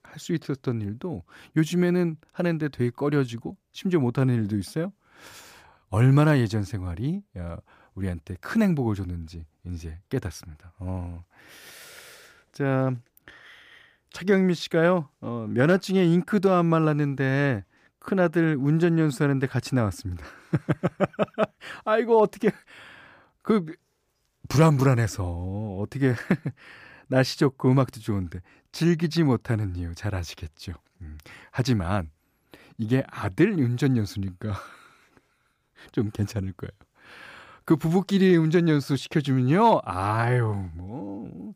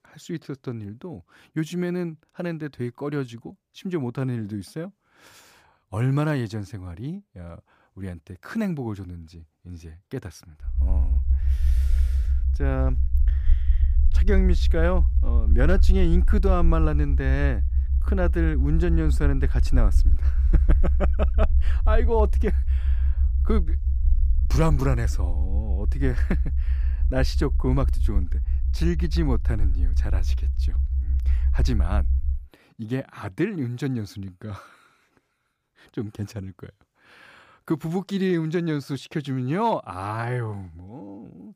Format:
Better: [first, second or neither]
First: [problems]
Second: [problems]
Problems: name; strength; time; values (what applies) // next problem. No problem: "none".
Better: first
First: none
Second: low rumble; noticeable; from 11 to 32 s; 15 dB below the speech